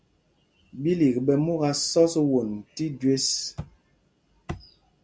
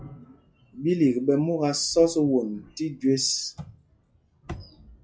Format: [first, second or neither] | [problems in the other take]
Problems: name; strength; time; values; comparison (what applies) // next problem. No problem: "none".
first | noise reduction (classical method log-MMSE)